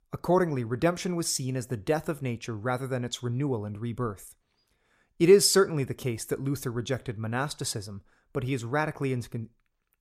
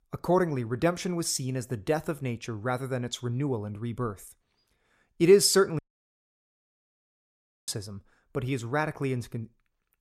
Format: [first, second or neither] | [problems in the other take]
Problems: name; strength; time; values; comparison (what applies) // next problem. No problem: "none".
first | audio cutting out; at 6 s for 2 s